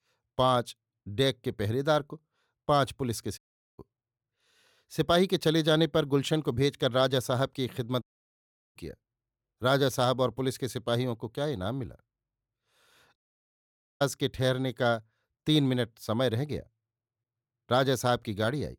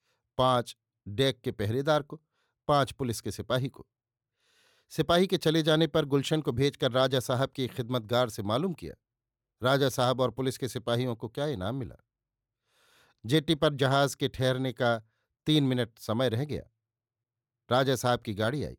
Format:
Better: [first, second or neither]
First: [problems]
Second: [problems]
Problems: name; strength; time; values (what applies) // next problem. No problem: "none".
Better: second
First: audio cutting out; at 3.5 s, at 8 s for 0.5 s and at 13 s for 1 s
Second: none